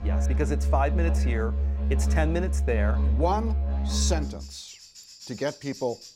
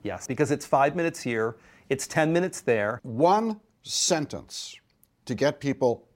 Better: second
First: background music; very loud; throughout; 4 dB above the speech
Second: none

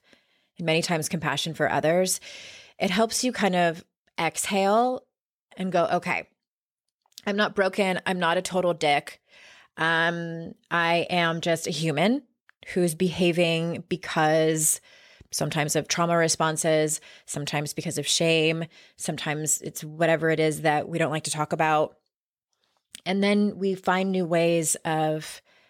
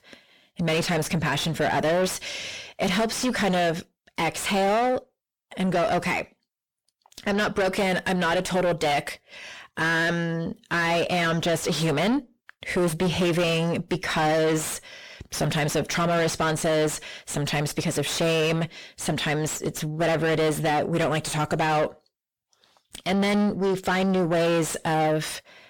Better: first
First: none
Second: distortion; heavy; 5 dB below the speech

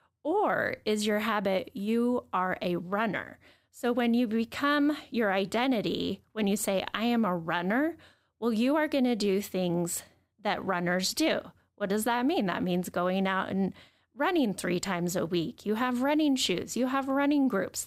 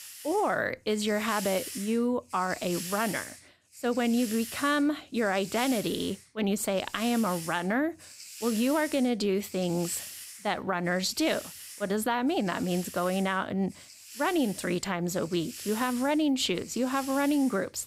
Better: first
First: none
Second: hiss; noticeable; throughout; 10 dB below the speech

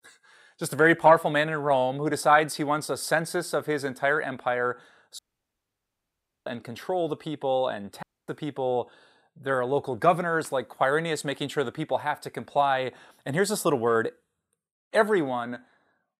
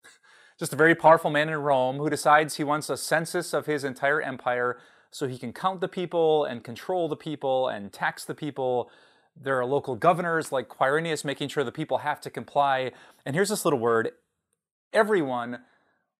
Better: second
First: audio cutting out; at 5 s for 1.5 s and at 8 s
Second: none

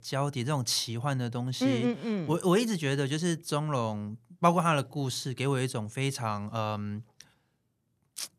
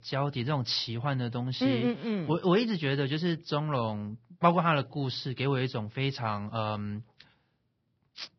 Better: first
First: none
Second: garbled, watery; badly; nothing above 5.5 kHz

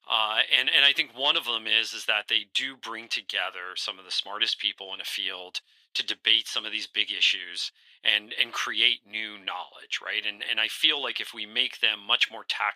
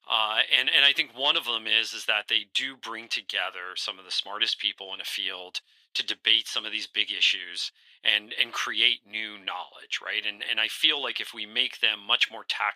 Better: neither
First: thin; very; fading below 800 Hz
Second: thin; very; fading below 800 Hz

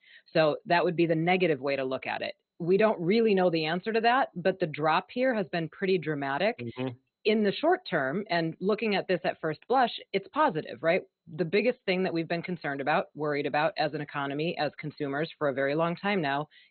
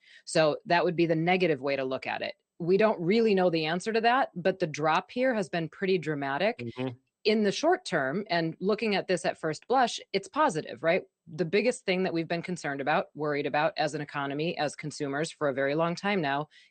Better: second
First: garbled, watery; badly; nothing above 4 kHz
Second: garbled, watery; slightly; nothing above 8.5 kHz

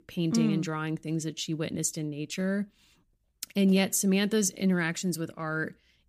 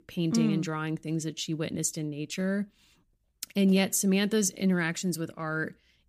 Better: neither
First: none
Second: none

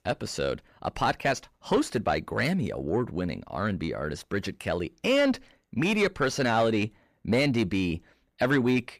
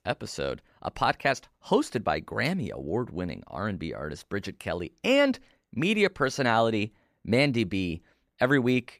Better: second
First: distortion; slight; 10 dB below the speech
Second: none

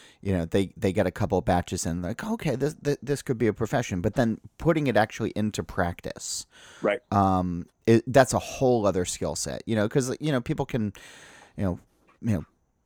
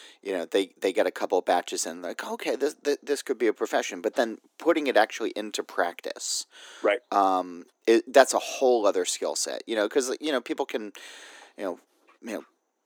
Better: first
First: none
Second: thin; somewhat; fading below 300 Hz

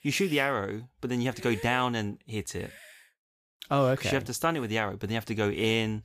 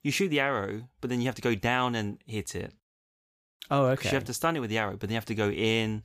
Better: second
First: hiss; noticeable; throughout; 20 dB below the speech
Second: none

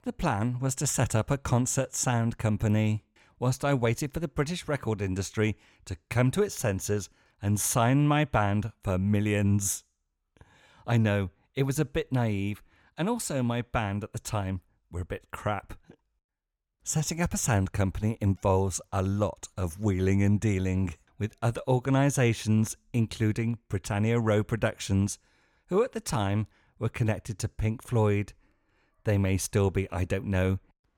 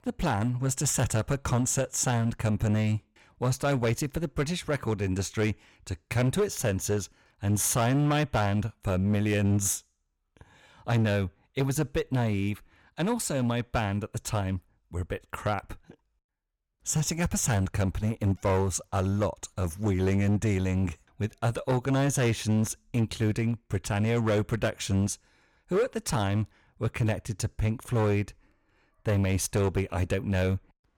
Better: first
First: none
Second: distortion; slight; 8% of the sound clipped

